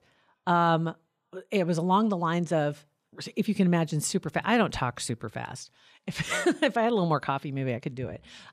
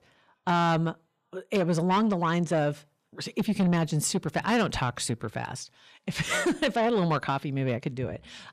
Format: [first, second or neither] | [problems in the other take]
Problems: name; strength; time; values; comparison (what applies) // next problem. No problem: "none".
first | distortion; slight; 10 dB below the speech